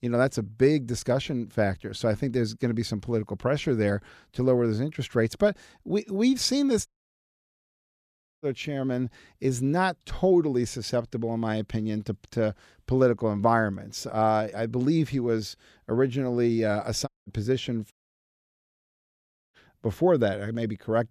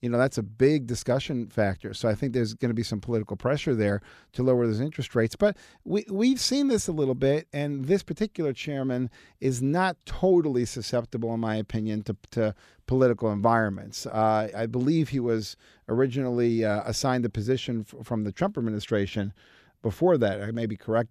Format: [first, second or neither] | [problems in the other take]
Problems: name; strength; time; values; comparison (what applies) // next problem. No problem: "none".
second | audio cutting out; at 7 s for 1.5 s, at 17 s and at 18 s for 1.5 s